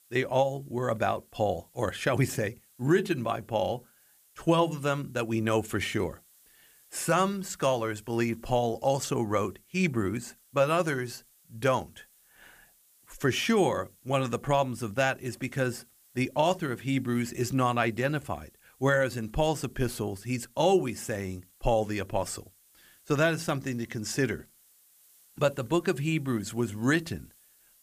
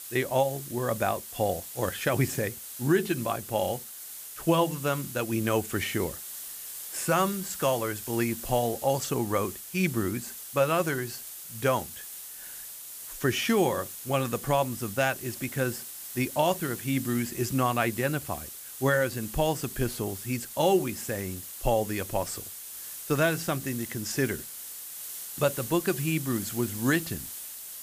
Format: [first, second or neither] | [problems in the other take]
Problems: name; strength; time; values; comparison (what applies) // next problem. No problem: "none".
first | hiss; loud; throughout; 9 dB below the speech; faint in the first